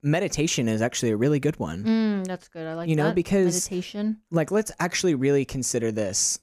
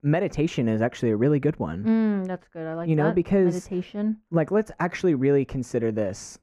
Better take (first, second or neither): first